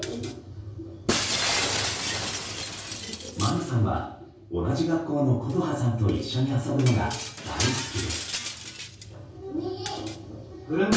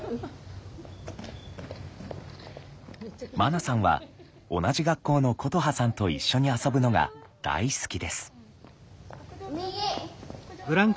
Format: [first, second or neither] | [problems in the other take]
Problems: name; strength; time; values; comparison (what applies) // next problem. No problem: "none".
second | background sound (Shatter); 5 dB below the speech // room echo; dies away in 0.6 s